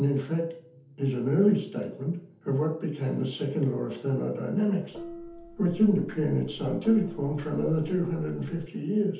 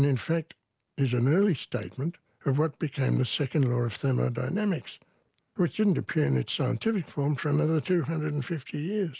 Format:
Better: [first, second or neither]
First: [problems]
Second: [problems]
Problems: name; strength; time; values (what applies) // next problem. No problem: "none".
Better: second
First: background sound (Gong); 16 dB below the speech // room echo; dies away in 0.6 s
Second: none